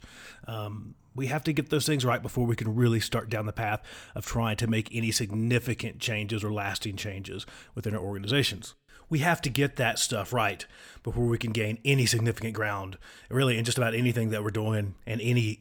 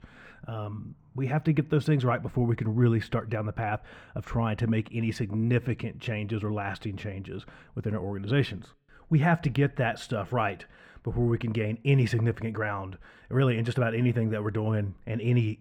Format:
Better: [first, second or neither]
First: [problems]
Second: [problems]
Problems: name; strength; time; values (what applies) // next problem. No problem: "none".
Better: first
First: none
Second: muffled; very; fading above 3.5 kHz